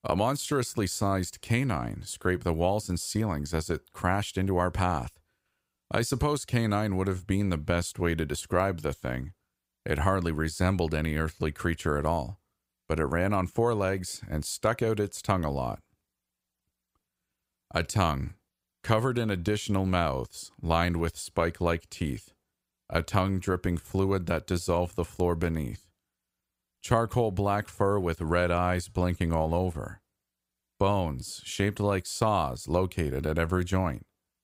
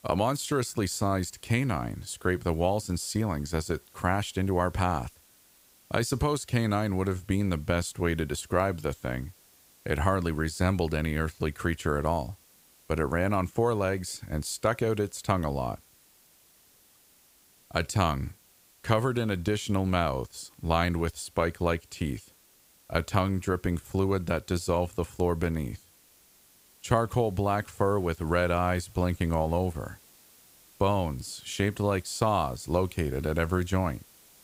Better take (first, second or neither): first